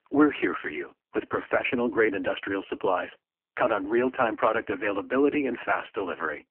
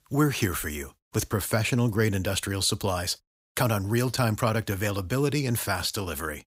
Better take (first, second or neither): second